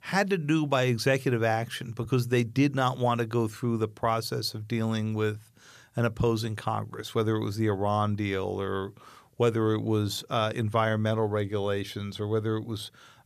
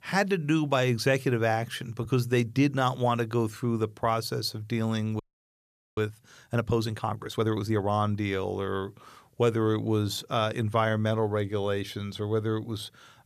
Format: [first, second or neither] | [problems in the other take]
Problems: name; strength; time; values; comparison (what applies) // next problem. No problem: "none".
first | audio freezing; at 5 s for 1 s